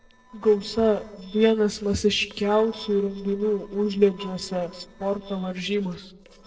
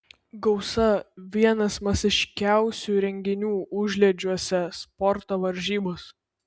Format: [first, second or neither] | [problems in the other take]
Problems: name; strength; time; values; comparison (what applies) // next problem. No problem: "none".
second | noise reduction (neural separator model SepFormer DNS4)